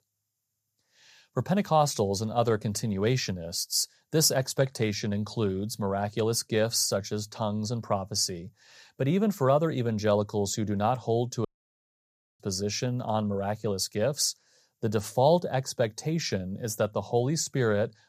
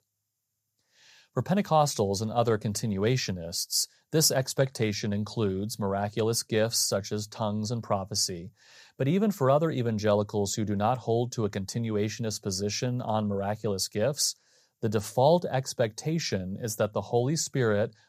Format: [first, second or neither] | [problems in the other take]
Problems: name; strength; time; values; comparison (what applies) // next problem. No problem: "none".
second | audio cutting out; at 11 s for 1 s